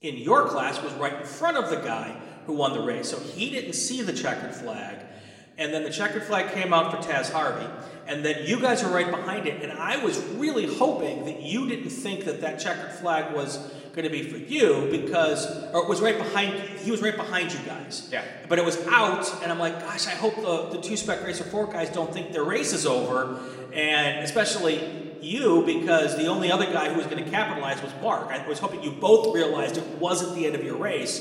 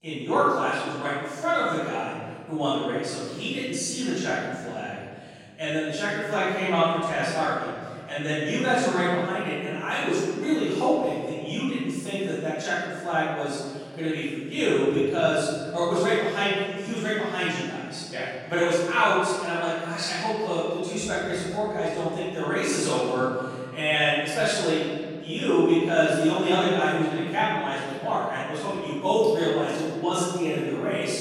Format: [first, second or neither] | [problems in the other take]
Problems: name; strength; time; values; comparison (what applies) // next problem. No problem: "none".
first | room echo; strong; dies away in 2.7 s; slight in the first // off-mic speech; far; somewhat distant in the first